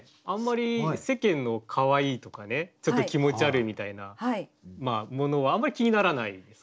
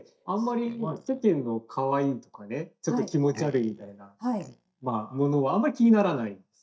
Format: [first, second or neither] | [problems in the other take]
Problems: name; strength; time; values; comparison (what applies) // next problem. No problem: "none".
first | noise reduction (neural mask model DeepFilterNet 3)